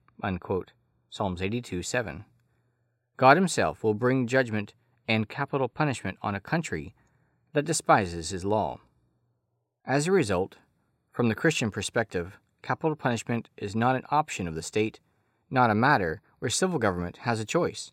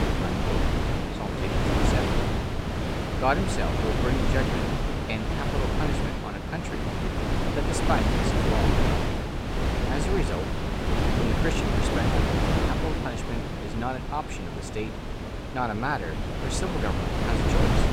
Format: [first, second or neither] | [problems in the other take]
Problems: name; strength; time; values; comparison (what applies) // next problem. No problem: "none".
first | wind noise on the microphone; heavy; 2 dB above the speech